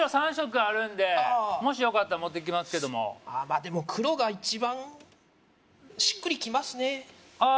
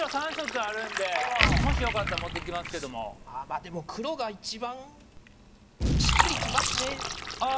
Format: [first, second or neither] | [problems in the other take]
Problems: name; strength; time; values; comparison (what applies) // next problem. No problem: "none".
first | background sound (Boom + Fill (with liquid)); 3 dB above the speech